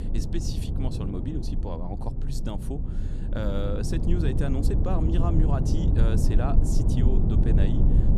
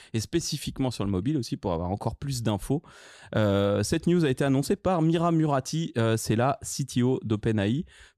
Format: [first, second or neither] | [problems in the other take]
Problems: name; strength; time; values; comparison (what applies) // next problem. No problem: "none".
second | low rumble; loud; throughout; 2 dB below the speech